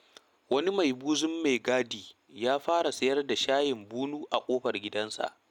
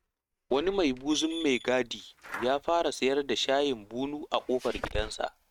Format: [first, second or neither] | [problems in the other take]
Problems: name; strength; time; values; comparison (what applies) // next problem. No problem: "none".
first | noise reduction (neural mask model RNNoise)